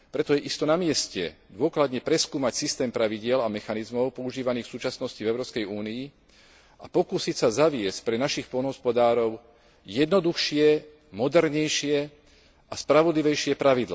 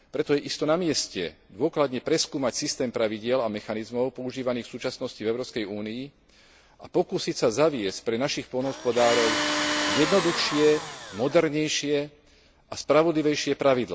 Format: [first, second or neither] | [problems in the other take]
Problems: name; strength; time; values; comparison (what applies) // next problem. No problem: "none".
first | background sound (Tools); 3 dB below the speech